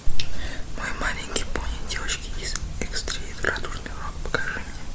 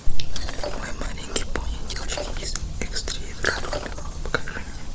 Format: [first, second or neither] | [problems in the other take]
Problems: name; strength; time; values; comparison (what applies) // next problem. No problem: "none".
first | noise reduction (neural separator model SepFormer DNS4)